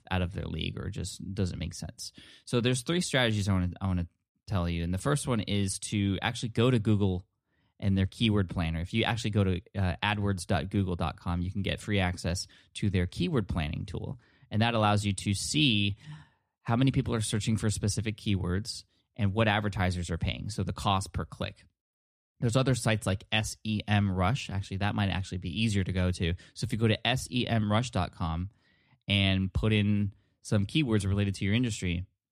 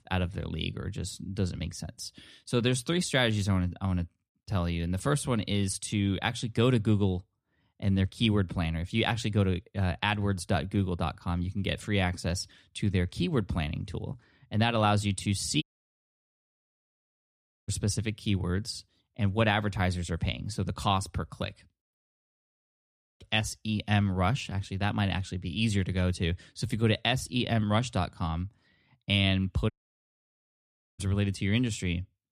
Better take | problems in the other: first | audio cutting out; at 16 s for 2 s, at 22 s for 1 s and at 30 s for 1.5 s

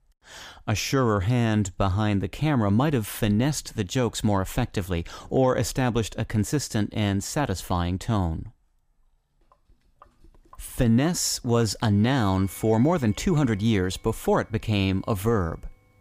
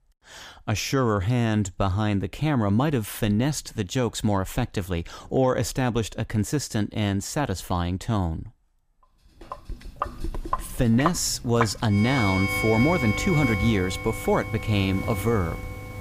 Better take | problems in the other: first | household noises; loud; from 9.5 s on; 5 dB below the speech; faint in the first

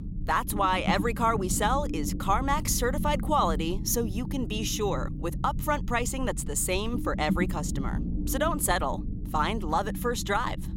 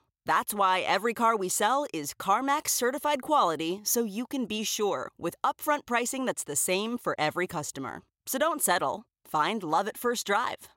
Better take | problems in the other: second | low rumble; noticeable; throughout; 15 dB below the speech

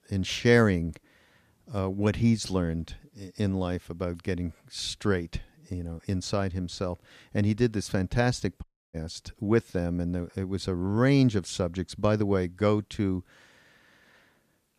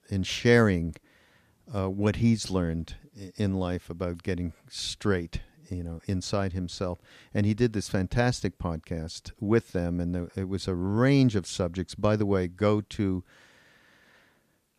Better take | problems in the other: second | audio cutting out; at 8.5 s

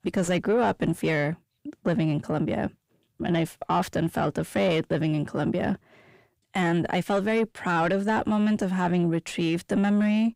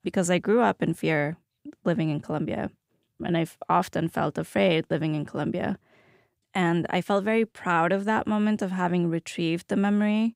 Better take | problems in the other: second | distortion; slight; 10 dB below the speech

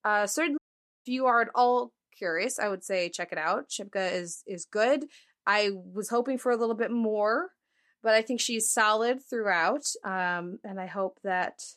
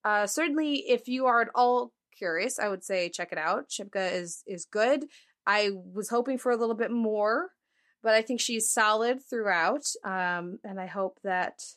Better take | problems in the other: second | audio cutting out; at 0.5 s

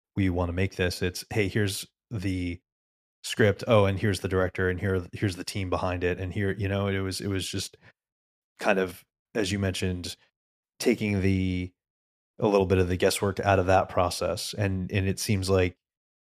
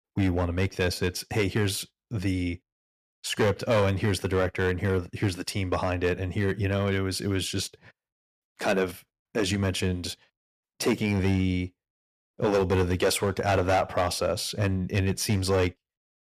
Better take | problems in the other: first | distortion; slight; 4% of the sound clipped

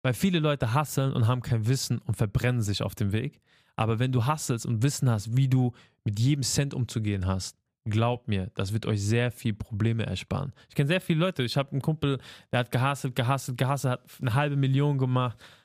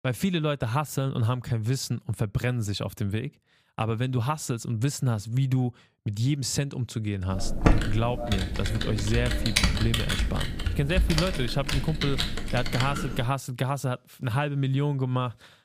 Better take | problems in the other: first | keyboard typing; loud; from 7.5 to 13 s; peak 5 dB above the speech

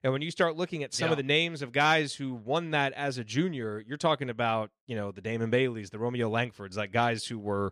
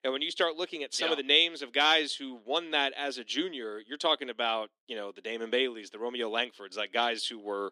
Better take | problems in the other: first | thin; somewhat; fading below 250 Hz

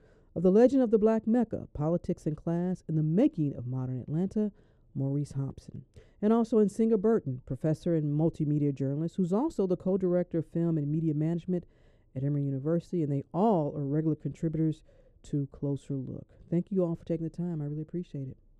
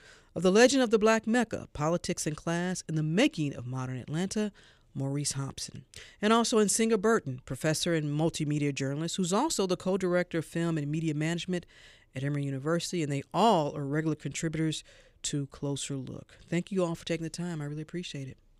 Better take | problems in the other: second | muffled; very; fading above 1 kHz

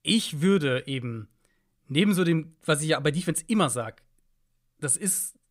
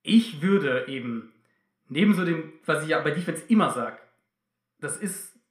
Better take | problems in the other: first | room echo; very slight; dies away in 0.5 s

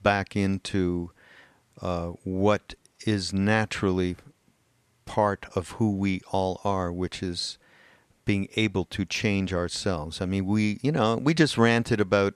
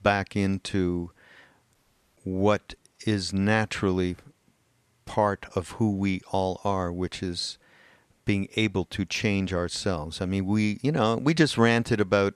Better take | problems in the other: first | audio cutting out; at 2 s

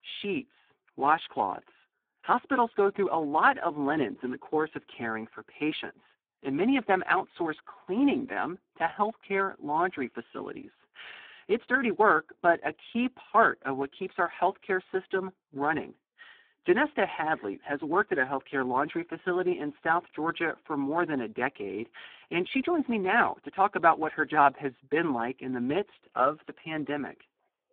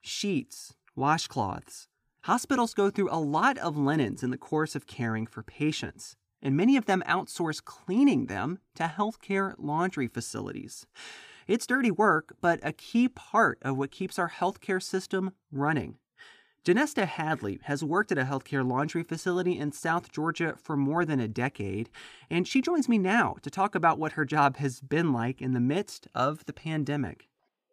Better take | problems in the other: second | phone-call audio; poor line

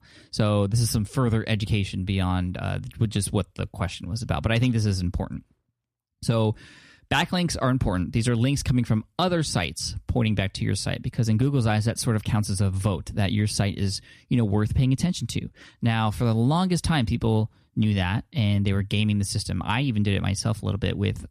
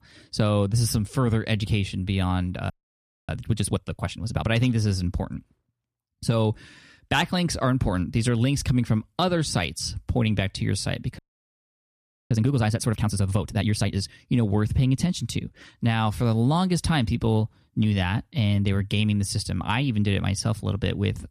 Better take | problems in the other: first | audio freezing; at 2.5 s for 0.5 s and at 11 s for 1 s

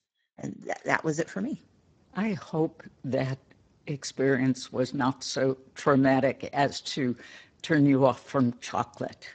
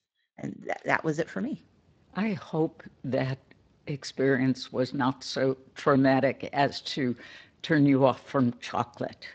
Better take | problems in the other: second | garbled, watery; badly; nothing above 7.5 kHz; slightly in the second

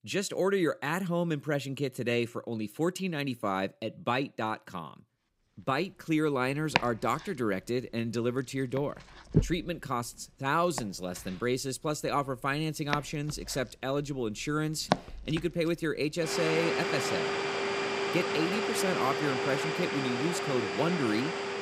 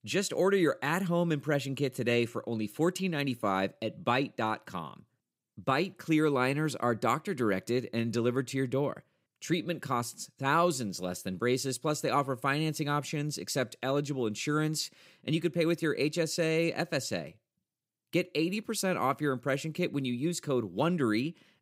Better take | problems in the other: second | household noises; loud; from 6 s on; as loud as the speech

